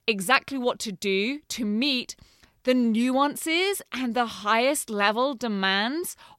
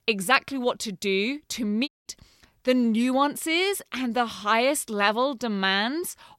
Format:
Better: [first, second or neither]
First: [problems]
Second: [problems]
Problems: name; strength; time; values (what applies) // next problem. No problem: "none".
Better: first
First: none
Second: audio cutting out; at 2 s